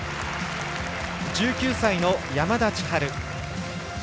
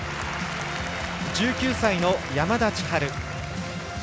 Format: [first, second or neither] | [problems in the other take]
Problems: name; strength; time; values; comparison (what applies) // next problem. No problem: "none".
first | background sound (Trumpet); 19 dB below the speech